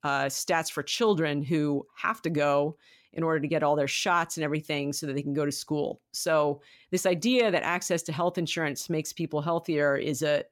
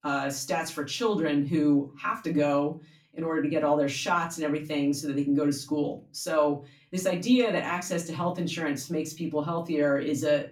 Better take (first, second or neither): first